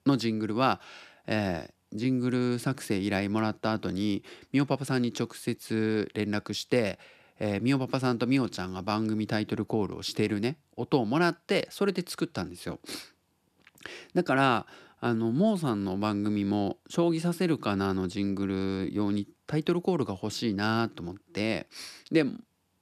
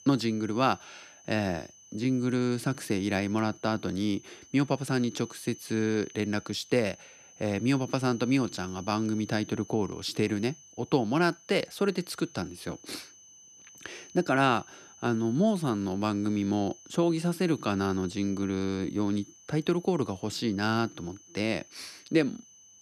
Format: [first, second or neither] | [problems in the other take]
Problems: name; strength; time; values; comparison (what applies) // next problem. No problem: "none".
first | high-pitched whine; faint; throughout; 6 kHz, 20 dB below the speech